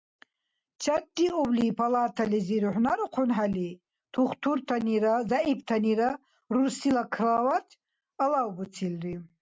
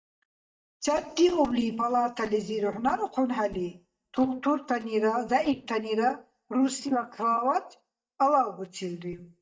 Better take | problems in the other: first | noise reduction (neural mask model DeepFilterNet 3)

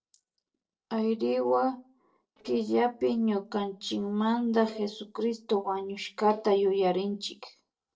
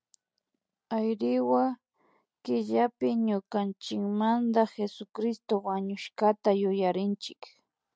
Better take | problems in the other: second | noise reduction (neural separator model SepFormer DNS4)

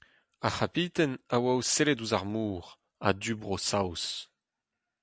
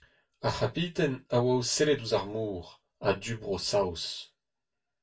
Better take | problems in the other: first | room echo; dies away in 0.2 s

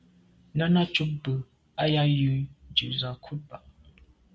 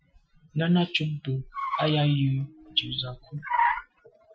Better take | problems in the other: first | noise reduction (classical method Wiener filter)

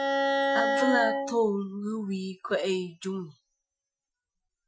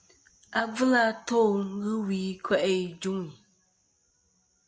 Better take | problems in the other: second | noise reduction (classical method Wiener filter)

